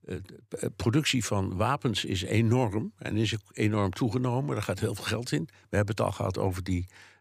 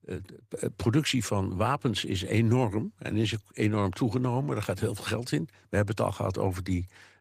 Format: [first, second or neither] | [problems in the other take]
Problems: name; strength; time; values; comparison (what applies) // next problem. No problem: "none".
first | garbled, watery; slightly; nothing above 15 kHz